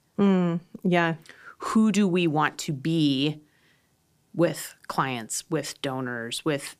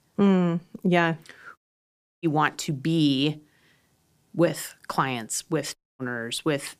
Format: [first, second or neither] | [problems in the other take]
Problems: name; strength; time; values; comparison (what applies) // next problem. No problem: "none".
first | audio cutting out; at 1.5 s for 0.5 s and at 6 s